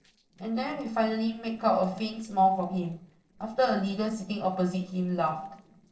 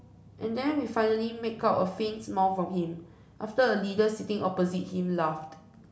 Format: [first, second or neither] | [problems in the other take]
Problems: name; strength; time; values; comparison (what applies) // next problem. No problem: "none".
second | noise reduction (neural separator model SepFormer DNS4)